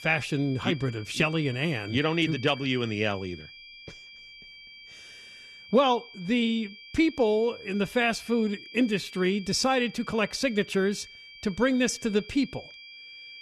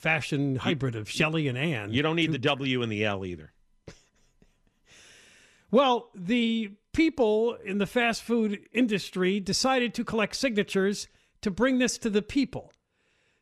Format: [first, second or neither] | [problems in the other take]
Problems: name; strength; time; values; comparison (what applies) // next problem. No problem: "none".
second | high-pitched whine; noticeable; throughout; 2.5 kHz, 15 dB below the speech